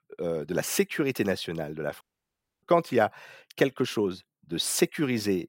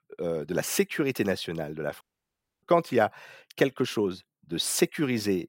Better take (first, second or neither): neither